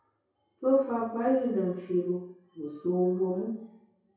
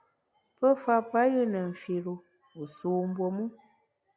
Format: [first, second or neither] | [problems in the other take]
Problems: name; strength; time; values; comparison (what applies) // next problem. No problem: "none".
second | room echo; dies away in 0.6 s